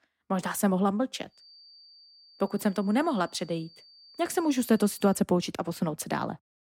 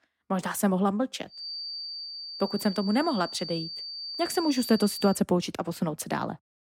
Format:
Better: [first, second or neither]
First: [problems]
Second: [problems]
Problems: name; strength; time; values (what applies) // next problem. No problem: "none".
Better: first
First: high-pitched whine; faint; from 1.5 to 5 s; 4.5 kHz, 25 dB below the speech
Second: high-pitched whine; loud; from 1.5 to 5 s; 4.5 kHz, 7 dB below the speech